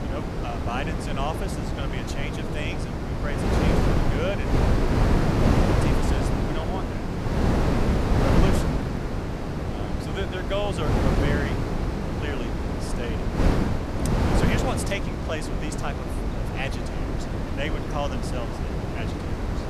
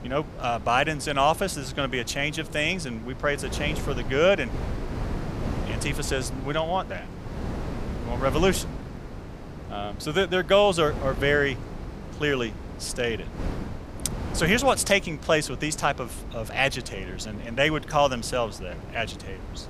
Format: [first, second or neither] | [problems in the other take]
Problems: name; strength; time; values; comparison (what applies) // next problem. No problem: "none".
second | wind noise on the microphone; heavy; 3 dB above the speech; occasional gusts in the second